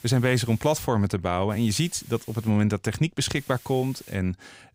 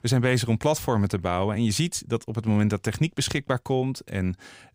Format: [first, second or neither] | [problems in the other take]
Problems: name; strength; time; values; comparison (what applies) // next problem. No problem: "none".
second | hiss; faint; at the start, from 1.5 to 2.5 s and at 3.5 s; 25 dB below the speech